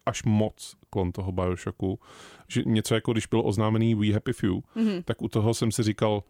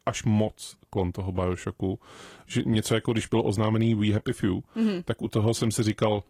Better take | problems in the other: first | garbled, watery; slightly

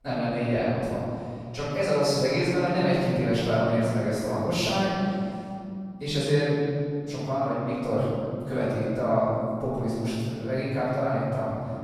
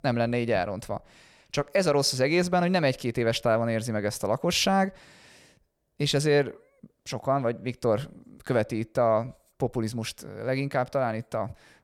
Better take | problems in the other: second | off-mic speech; far // room echo; strong; dies away in 3 s

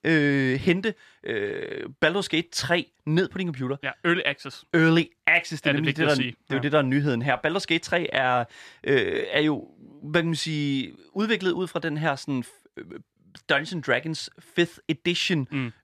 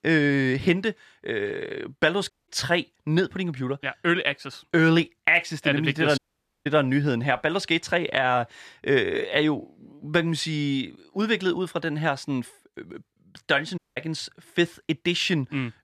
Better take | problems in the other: first | audio cutting out; at 2.5 s, at 6 s and at 14 s

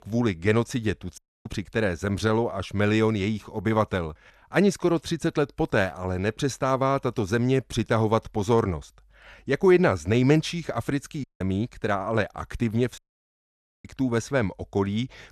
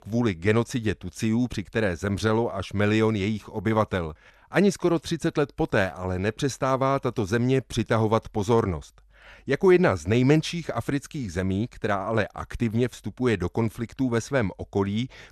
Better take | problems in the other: second | audio cutting out; at 1 s, at 11 s and at 13 s for 1 s

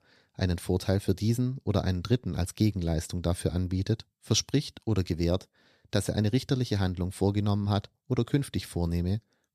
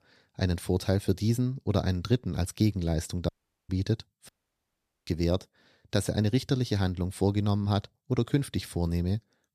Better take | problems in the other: first | audio cutting out; at 3.5 s and at 4.5 s for 1 s

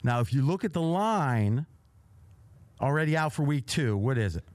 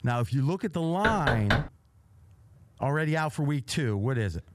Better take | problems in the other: first | door banging; loud; at 1 s; peak 1 dB above the speech

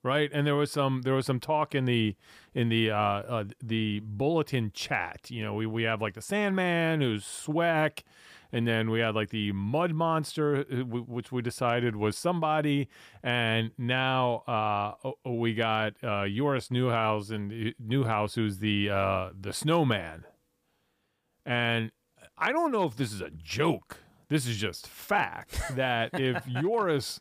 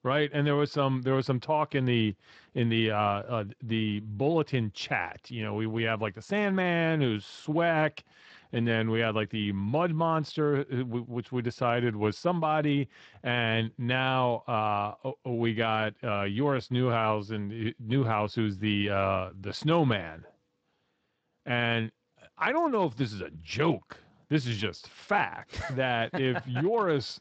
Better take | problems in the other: first | garbled, watery; slightly; nothing above 8 kHz

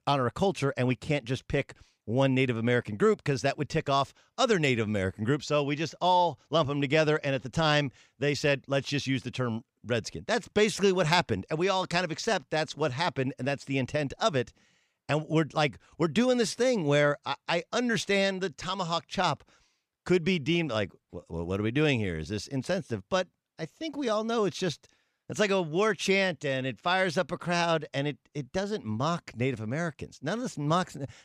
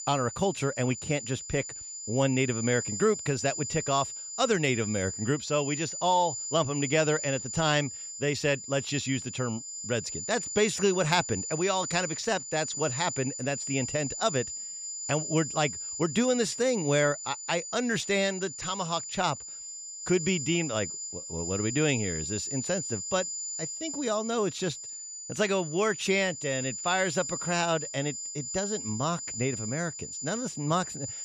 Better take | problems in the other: first | high-pitched whine; loud; throughout; 7 kHz, 6 dB below the speech

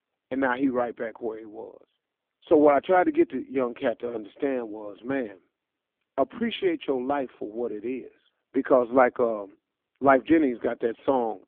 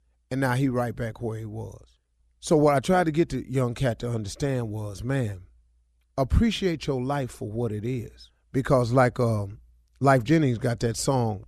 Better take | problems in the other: second | phone-call audio; poor line; nothing above 3.5 kHz

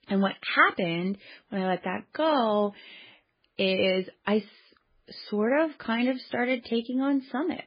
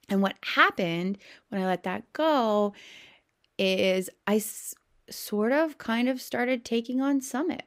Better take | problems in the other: second | garbled, watery; badly; nothing above 5 kHz

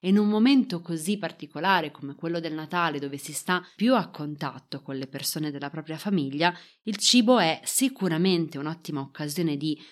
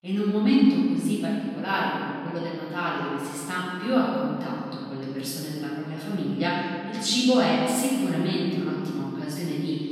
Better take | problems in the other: first | off-mic speech; far // room echo; strong; dies away in 2.2 s

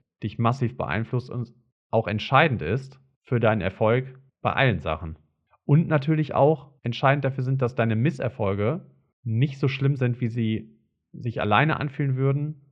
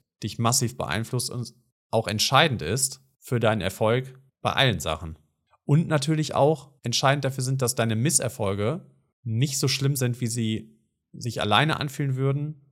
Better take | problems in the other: second | muffled; very; fading above 2.5 kHz

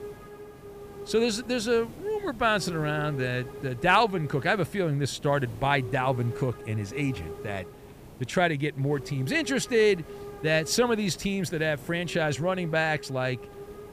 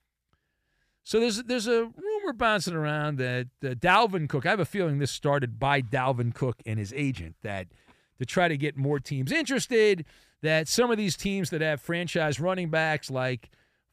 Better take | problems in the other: second | hiss; noticeable; throughout; 15 dB below the speech

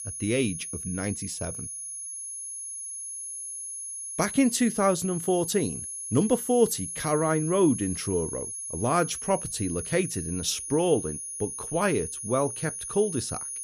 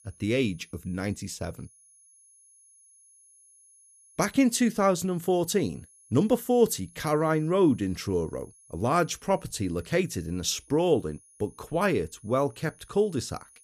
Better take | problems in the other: second | high-pitched whine; loud; throughout; 10.5 kHz, 6 dB below the speech; faint in the second

